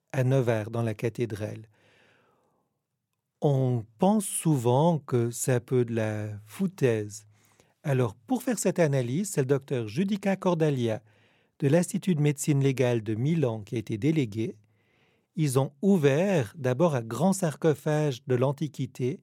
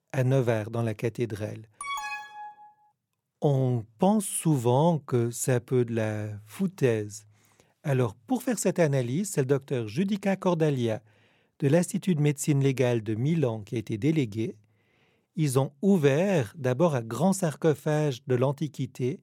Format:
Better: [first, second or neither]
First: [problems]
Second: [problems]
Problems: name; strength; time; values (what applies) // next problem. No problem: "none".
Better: first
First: none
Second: alarm; noticeable; at 2 s; peak 6 dB below the speech